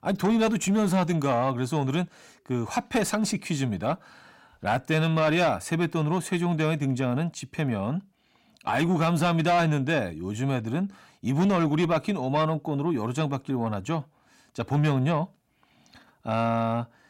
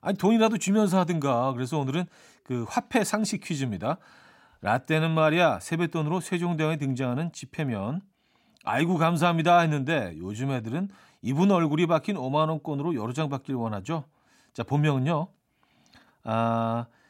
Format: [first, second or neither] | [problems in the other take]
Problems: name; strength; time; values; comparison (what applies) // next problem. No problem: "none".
second | distortion; slight; 10 dB below the speech